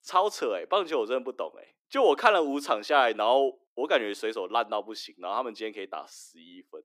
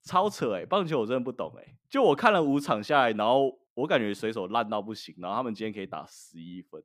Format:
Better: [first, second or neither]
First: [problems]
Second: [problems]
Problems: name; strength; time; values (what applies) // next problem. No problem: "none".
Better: second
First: thin; somewhat; fading below 300 Hz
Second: none